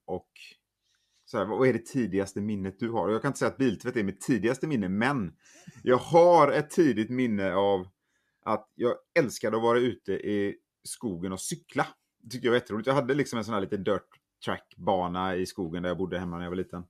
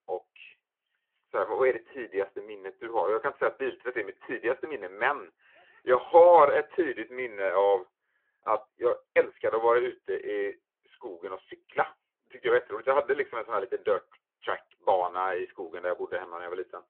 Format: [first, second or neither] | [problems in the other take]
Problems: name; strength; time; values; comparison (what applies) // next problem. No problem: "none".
first | phone-call audio